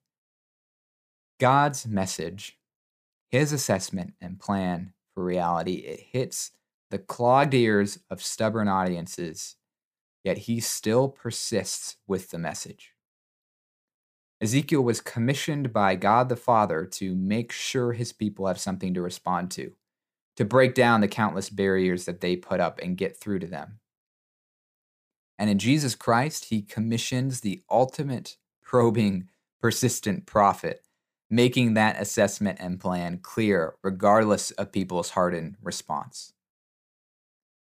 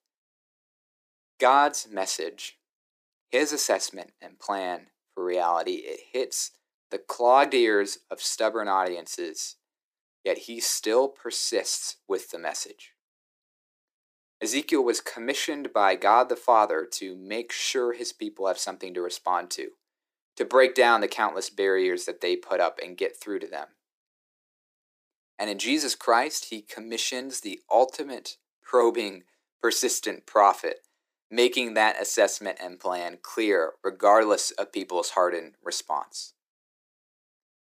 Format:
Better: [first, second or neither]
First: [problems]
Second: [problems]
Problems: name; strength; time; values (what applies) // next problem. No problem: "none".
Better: first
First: none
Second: thin; somewhat; fading below 300 Hz